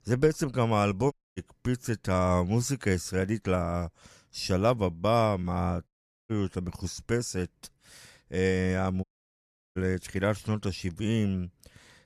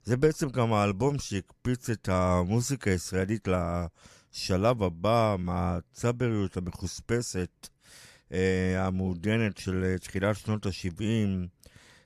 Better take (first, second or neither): second